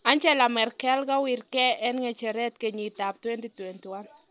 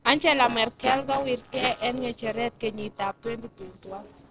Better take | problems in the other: first | noise reduction (neural separator model SepFormer DNS4)

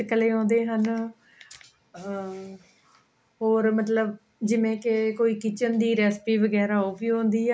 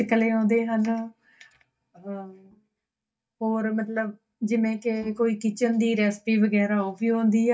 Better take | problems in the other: first | noise reduction (neural mask model DeepFilterNet 3)

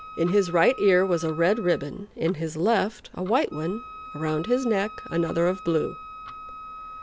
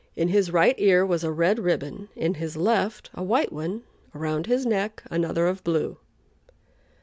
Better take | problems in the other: second | background sound (Tick-tock + Wind instrument, woodwind instrument); 16 dB below the speech

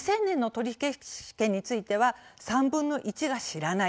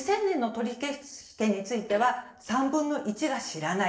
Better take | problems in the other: first | noise reduction (neural separator model SepFormer DNS4)

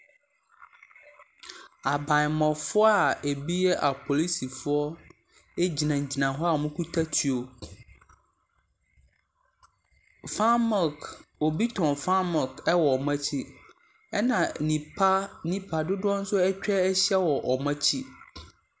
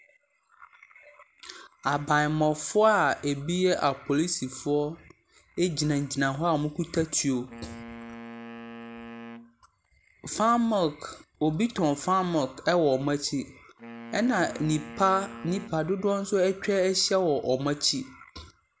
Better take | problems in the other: first | background sound (Wind instrument, woodwind instrument); 16 dB below the speech

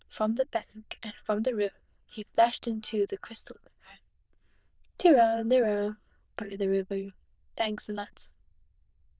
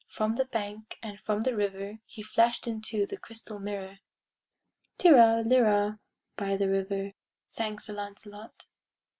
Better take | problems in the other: second | noise reduction (neural diffusion model UNIVERSE++)

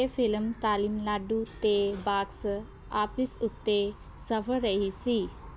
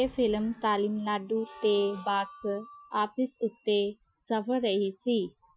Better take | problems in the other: first | noise reduction (classical method Wiener filter)

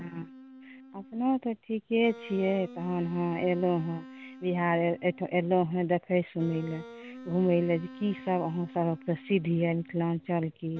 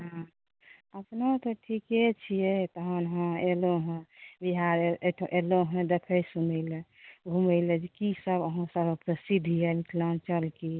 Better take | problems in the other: second | background sound (Wind instrument, woodwind instrument); 18 dB below the speech

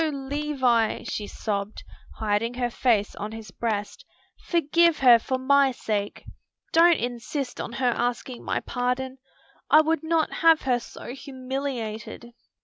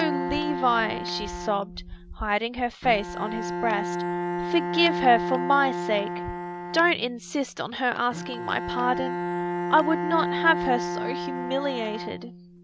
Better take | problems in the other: first | background sound (Bowed string instrument); 4 dB below the speech

